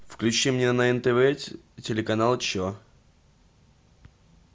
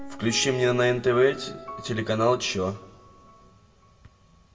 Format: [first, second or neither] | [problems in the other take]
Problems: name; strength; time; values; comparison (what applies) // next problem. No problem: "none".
first | background sound (Piano); 18 dB below the speech // room echo; dies away in 0.8 s